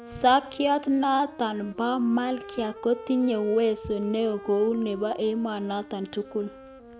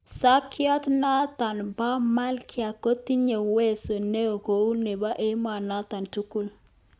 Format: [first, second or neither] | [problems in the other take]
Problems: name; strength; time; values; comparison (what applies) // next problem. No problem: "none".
second | background sound (Wind instrument, woodwind instrument); 16 dB below the speech